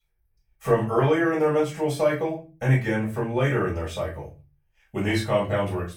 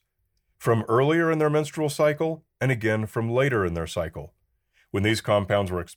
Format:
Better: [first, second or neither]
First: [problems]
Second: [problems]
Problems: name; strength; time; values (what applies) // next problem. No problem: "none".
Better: second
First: off-mic speech; far // room echo; slight; dies away in 0.3 s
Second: none